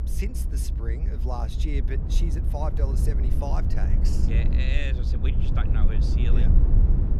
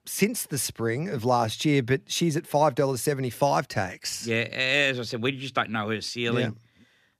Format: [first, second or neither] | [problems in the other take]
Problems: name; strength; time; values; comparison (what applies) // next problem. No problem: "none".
second | low rumble; loud; throughout; 3 dB below the speech